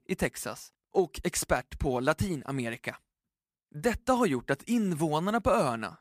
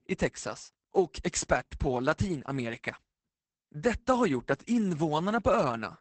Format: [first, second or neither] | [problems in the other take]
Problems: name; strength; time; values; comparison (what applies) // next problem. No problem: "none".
first | garbled, watery; badly; nothing above 8 kHz